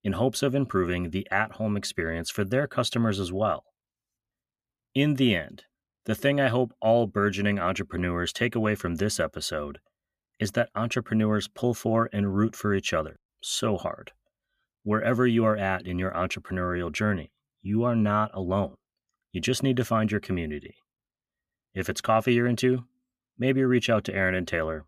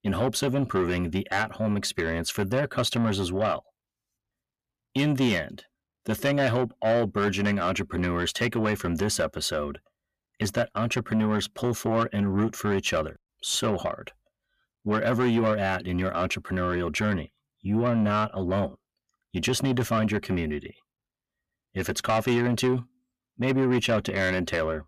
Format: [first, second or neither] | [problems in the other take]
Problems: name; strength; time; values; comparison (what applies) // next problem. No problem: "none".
first | distortion; slight; 10 dB below the speech